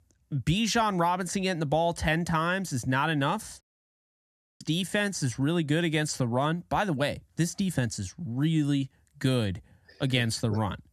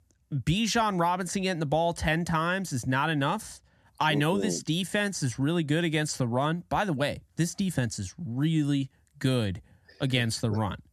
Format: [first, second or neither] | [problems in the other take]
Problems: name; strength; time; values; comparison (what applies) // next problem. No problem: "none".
second | audio cutting out; at 3.5 s for 1 s